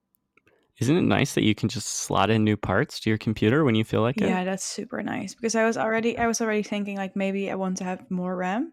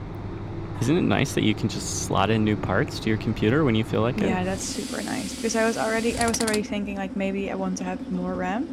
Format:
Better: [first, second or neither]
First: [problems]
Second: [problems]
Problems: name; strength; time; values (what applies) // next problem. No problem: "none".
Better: first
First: none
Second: machinery noise; loud; throughout; 8 dB below the speech